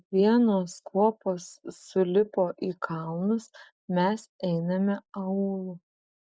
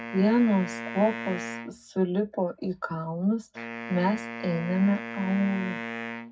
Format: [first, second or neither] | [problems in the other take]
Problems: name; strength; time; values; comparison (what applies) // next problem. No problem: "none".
first | background sound (Wind instrument, woodwind instrument); 10 dB below the speech // room echo; dies away in 0.4 s